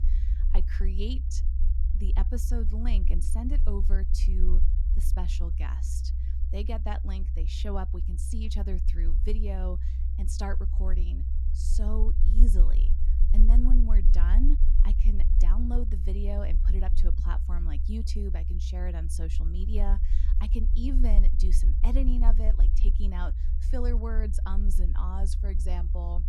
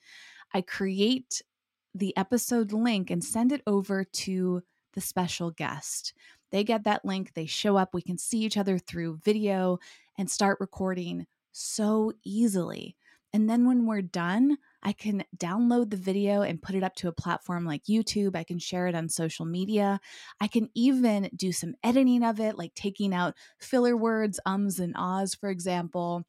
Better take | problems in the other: second | low rumble; loud; throughout; 7 dB below the speech

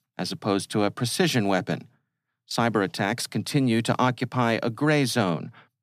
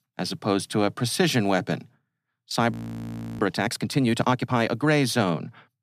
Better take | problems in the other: first | audio freezing; at 2.5 s for 0.5 s

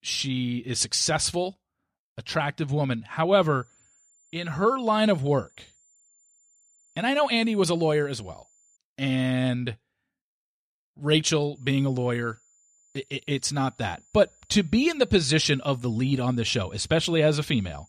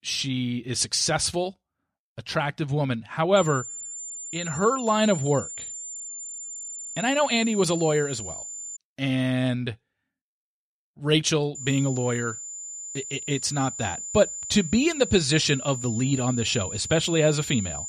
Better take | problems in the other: first | high-pitched whine; loud; from 3.5 to 9 s and from 12 s on; 7 kHz, 9 dB below the speech; faint in the first

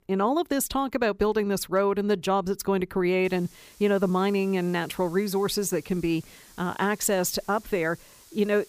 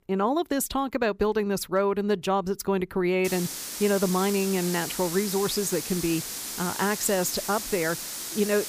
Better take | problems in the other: first | hiss; loud; from 3.5 s on; 5 dB below the speech; faint in the first

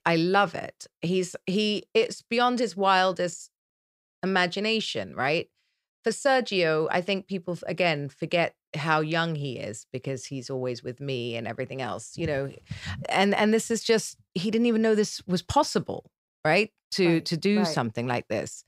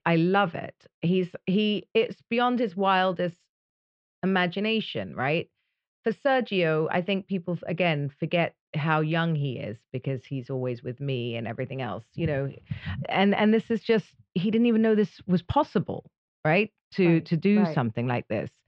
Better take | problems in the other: first | muffled; slightly; fading above 3 kHz

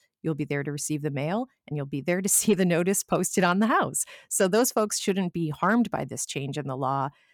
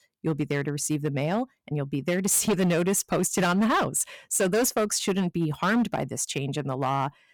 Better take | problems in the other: first | distortion; slight; 9% of the sound clipped

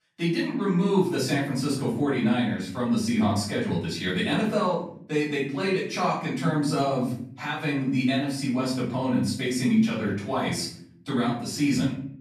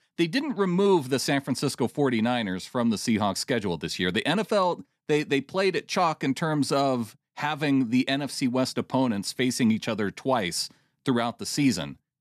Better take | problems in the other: second | off-mic speech; far // room echo; noticeable; dies away in 0.7 s

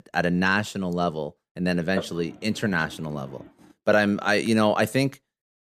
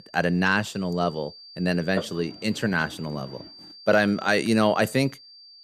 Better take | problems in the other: first | high-pitched whine; noticeable; throughout; 4.5 kHz, 20 dB below the speech

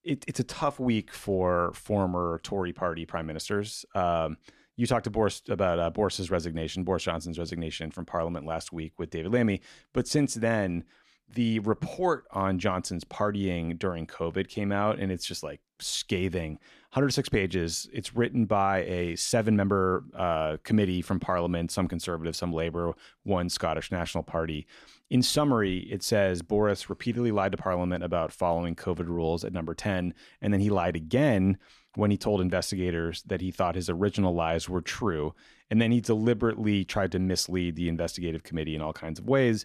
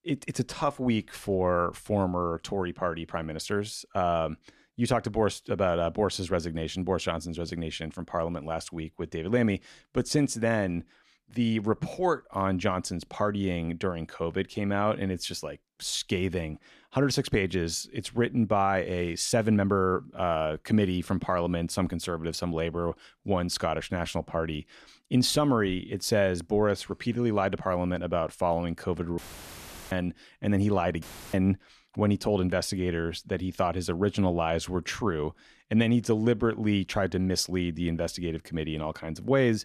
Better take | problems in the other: first | audio cutting out; filled with static; at 29 s for 0.5 s and at 31 s

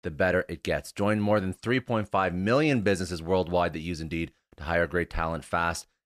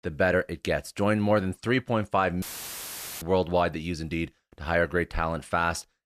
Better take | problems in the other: first | audio cutting out; filled with static; at 2.5 s for 1 s

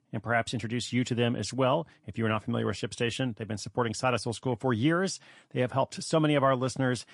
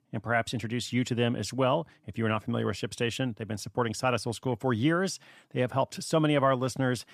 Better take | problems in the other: second | garbled, watery; slightly; nothing above 9 kHz

